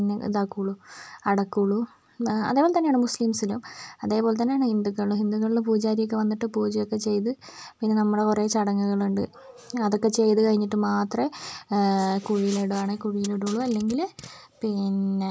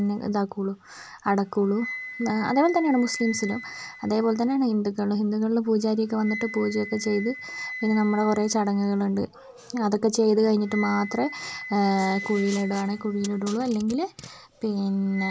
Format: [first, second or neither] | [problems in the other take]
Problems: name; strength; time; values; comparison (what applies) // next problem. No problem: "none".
first | background sound (Wind instrument, woodwind instrument); 15 dB below the speech